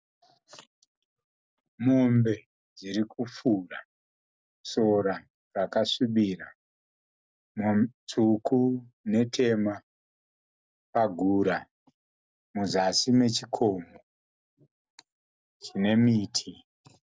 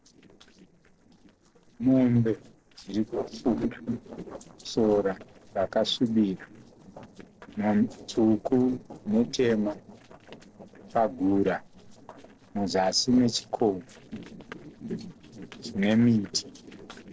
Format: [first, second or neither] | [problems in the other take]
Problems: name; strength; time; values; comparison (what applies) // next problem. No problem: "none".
first | noise reduction (neural separator model SepFormer DNS4)